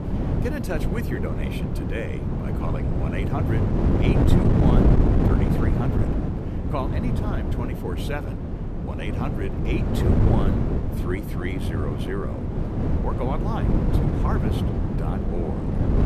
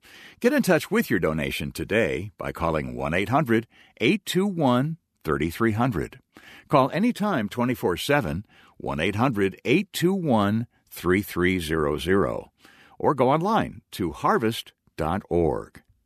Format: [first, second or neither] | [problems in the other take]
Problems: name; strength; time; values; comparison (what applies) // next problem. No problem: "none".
second | wind noise on the microphone; heavy; 3 dB above the speech